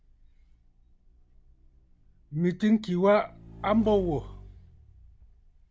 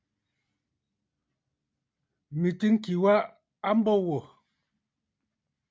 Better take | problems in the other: second | background sound (Motorcycle / Engine); 17 dB below the speech

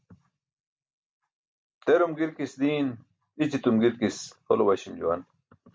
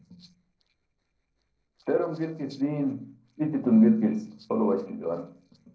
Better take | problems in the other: first | noise reduction (neural separator model SepFormer DNS4)

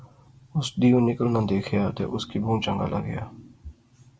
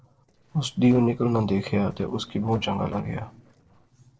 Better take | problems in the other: first | noise reduction (neural separator model SepFormer DNS4)

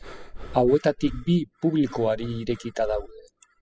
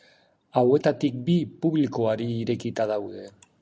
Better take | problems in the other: second | noise reduction (classical method spectral subtraction)

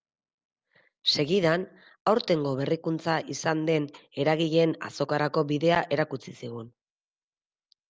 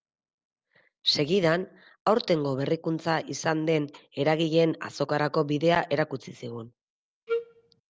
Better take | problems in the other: first | noise reduction (neural separator model SepFormer DNS4)

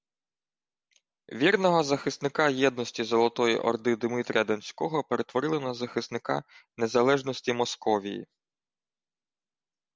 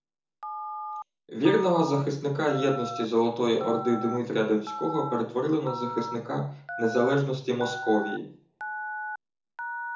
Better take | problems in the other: first | background sound (Telephone); 10 dB below the speech // room echo; dies away in 0.7 s

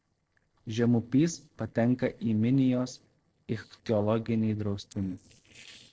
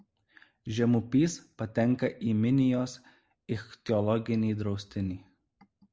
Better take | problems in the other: second | noise reduction (neural separator model SepFormer DNS4)

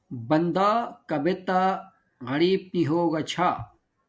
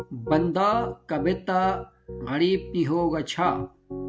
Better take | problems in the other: first | background sound (Piano); 10 dB below the speech

